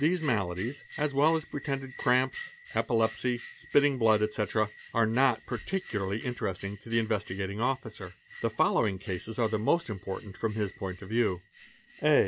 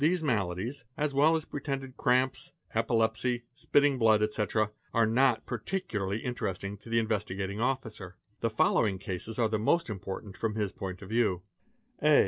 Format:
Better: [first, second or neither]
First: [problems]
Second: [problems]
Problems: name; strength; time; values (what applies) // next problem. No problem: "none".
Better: second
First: background sound (Bell); 19 dB below the speech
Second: none